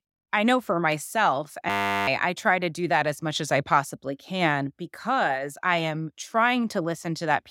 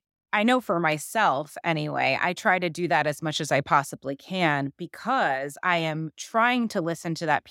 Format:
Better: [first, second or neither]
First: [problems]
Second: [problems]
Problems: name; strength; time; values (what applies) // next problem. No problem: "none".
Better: second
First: audio freezing; at 1.5 s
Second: none